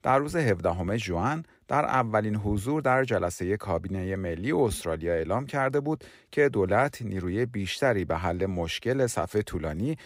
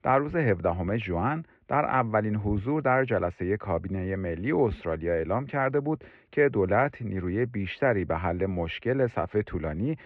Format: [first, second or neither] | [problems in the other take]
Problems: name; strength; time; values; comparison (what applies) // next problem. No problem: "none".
first | muffled; very; fading above 2.5 kHz